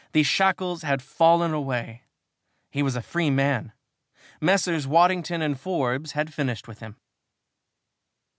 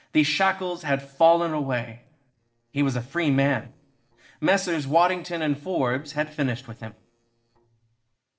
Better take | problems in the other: first | noise reduction (neural separator model SepFormer DNS4)

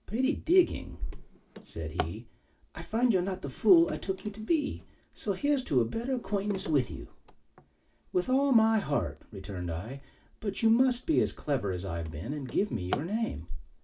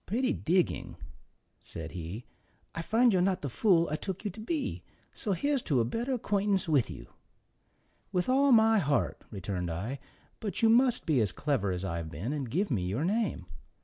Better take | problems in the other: second | background sound (Drawer open or close); 17 dB below the speech // room echo; dies away in 0.2 s

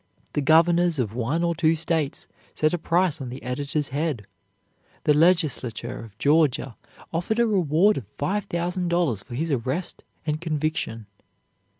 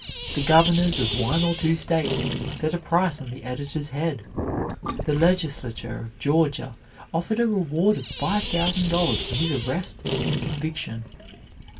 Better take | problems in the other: first | background sound (Sink (filling or washing)); 6 dB below the speech // room echo; dies away in 0.2 s

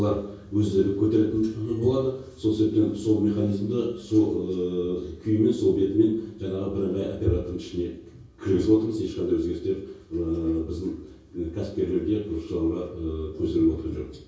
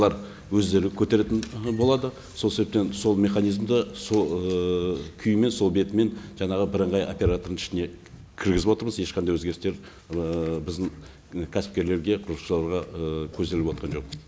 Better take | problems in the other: second | room echo; dies away in 0.6 s

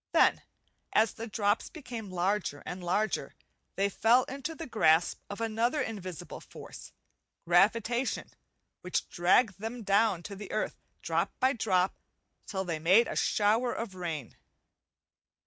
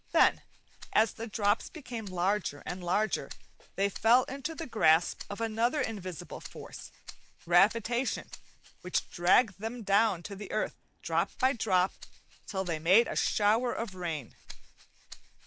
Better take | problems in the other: first | background sound (Rattle (instrument)); 15 dB below the speech

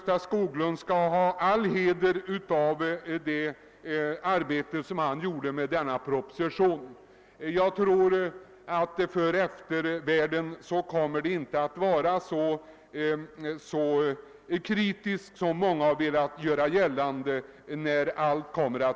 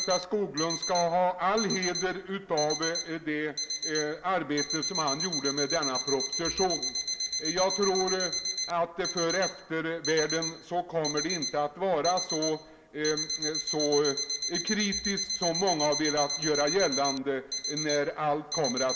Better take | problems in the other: first | background sound (Alarm); 4 dB below the speech // room echo; dies away in 0.4 s

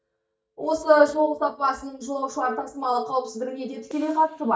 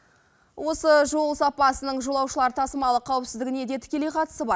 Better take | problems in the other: second | noise reduction (neural mask model DeepFilterNet 3)

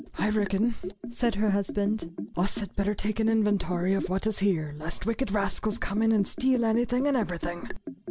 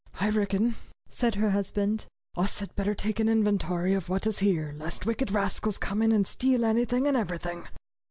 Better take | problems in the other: second | background sound (Liquid); 12 dB below the speech

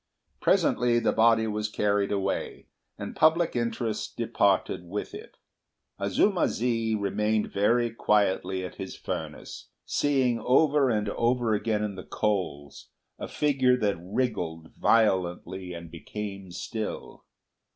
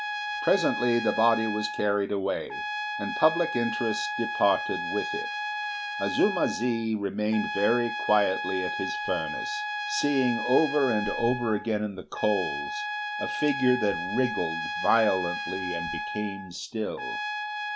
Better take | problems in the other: first | background sound (Trumpet); 5 dB below the speech

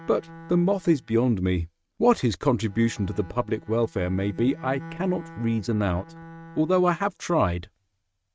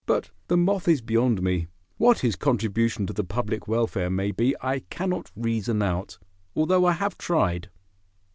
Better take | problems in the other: second | noise reduction (neural mask model RNNoise)

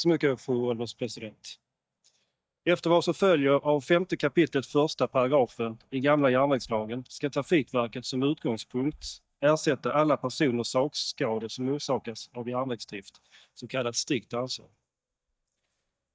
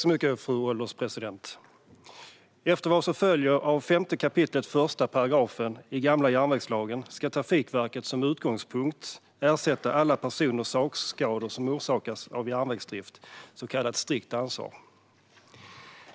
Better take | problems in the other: second | noise reduction (neural mask model DeepFilterNet 3)

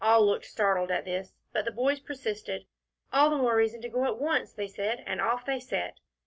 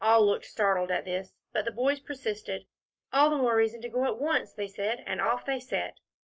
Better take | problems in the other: first | noise reduction (neural mask model Resemble Enhance denoiser)

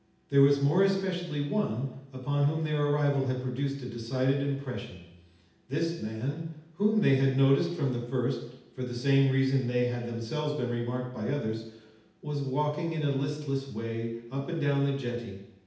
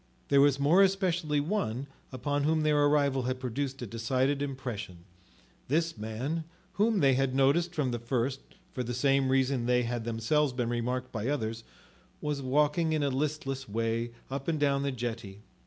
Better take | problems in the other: second | room echo; dies away in 0.8 s

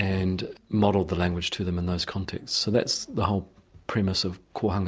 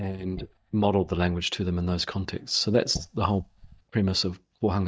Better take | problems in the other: first | noise reduction (neural mask model DeepFilterNet 3)

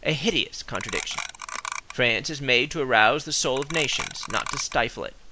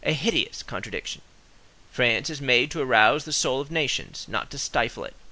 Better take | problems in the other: second | background sound (Clock); 8 dB below the speech

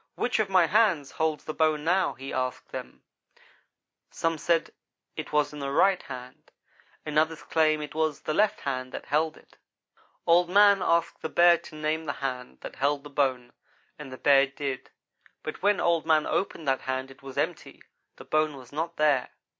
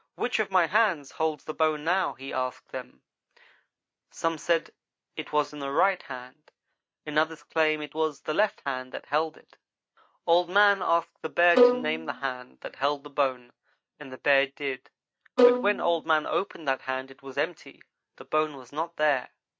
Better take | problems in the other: first | noise reduction (neural mask model RNNoise)

